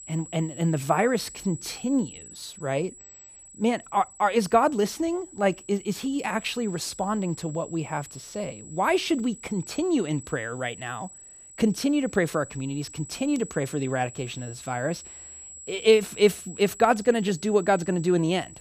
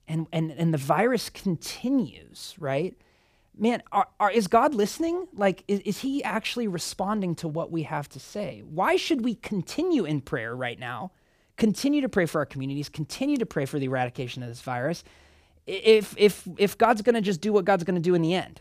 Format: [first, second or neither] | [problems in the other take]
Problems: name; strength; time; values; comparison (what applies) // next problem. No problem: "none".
second | high-pitched whine; noticeable; throughout; 8 kHz, 15 dB below the speech